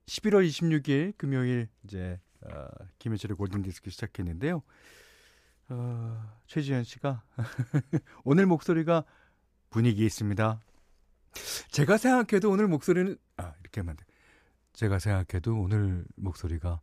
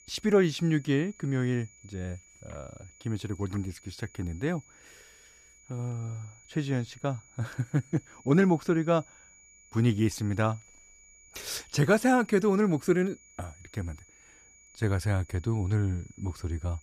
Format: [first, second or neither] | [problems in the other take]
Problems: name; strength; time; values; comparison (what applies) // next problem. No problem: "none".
first | high-pitched whine; faint; throughout; 7 kHz, 25 dB below the speech